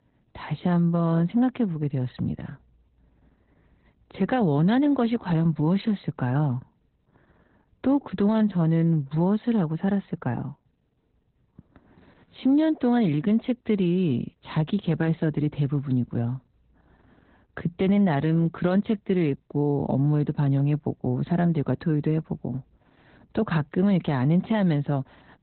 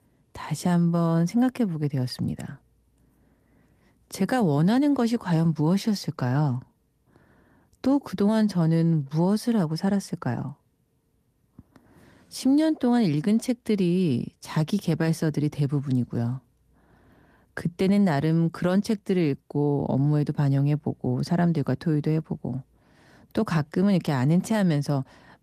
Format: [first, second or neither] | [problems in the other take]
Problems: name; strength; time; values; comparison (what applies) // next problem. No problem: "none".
second | garbled, watery; badly; nothing above 4 kHz; slightly in the second